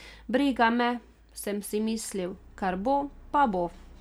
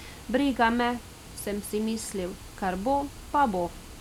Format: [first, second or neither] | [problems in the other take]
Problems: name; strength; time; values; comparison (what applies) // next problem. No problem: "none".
first | background sound (Water); 16 dB below the speech